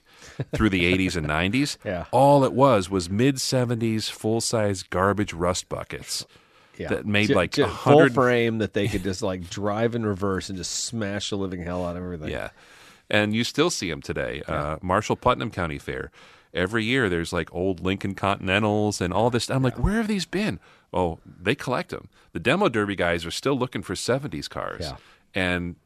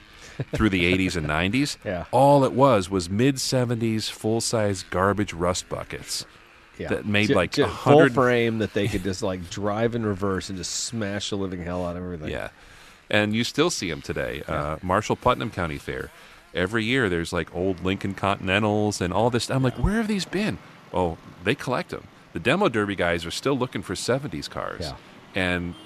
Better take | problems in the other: first | traffic noise; faint; throughout; 25 dB below the speech

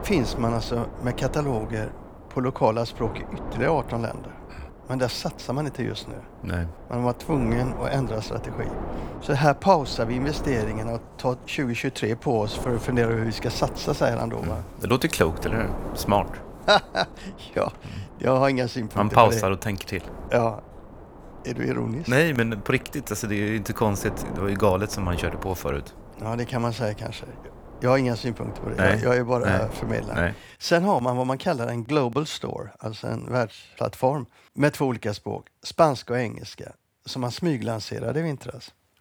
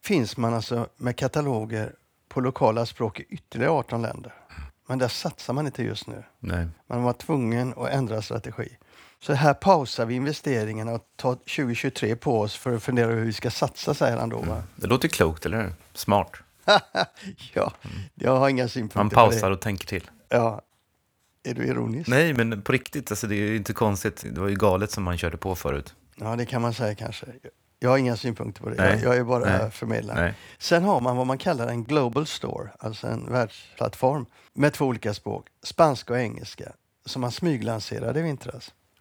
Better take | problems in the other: second | wind noise on the microphone; occasional gusts; until 30 s; 15 dB below the speech

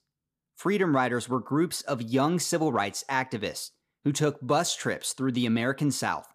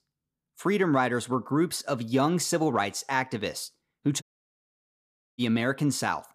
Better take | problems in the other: first | audio cutting out; at 4 s for 1 s

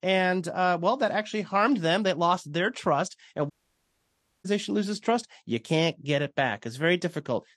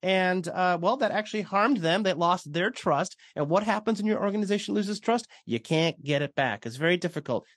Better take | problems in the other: second | audio cutting out; at 3.5 s for 1 s

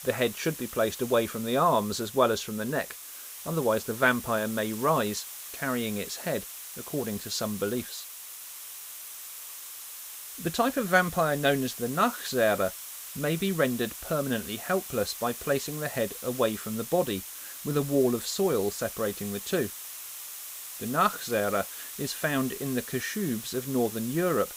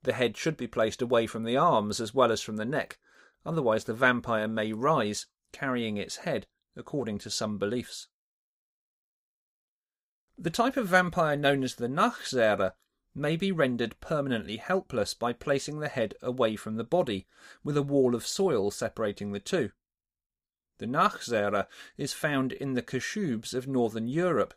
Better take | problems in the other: second | hiss; loud; throughout; 10 dB below the speech

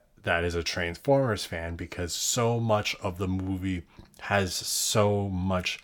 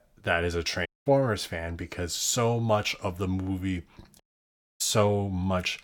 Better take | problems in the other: first | audio cutting out; at 1 s and at 4 s for 0.5 s

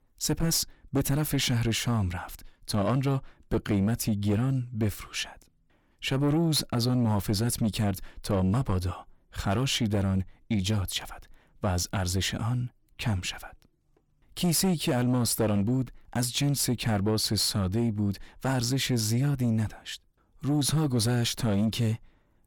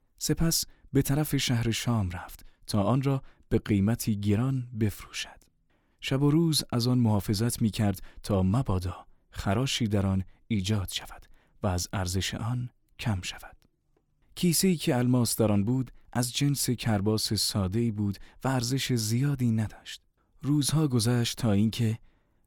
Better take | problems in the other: second | distortion; slight; 10 dB below the speech

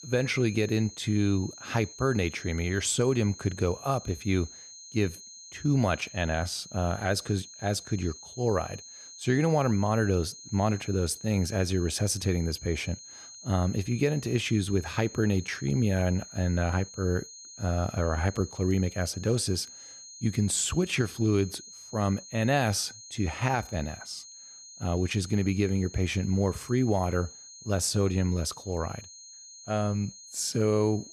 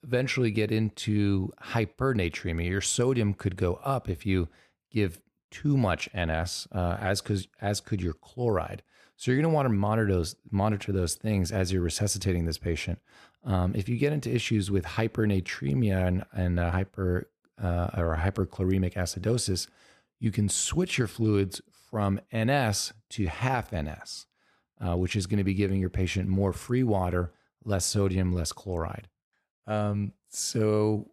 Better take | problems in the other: second | high-pitched whine; noticeable; throughout; 6.5 kHz, 15 dB below the speech

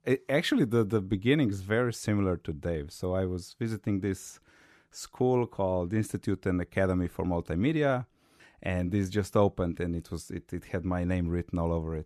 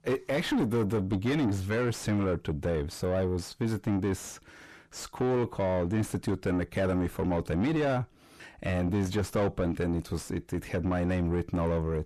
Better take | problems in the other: first | distortion; heavy; 5 dB below the speech

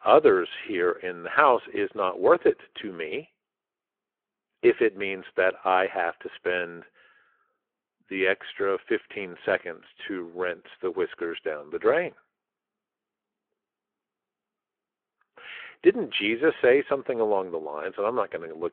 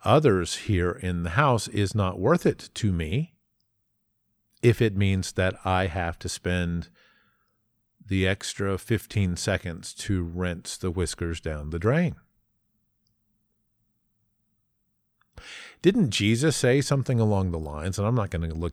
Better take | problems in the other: second | phone-call audio

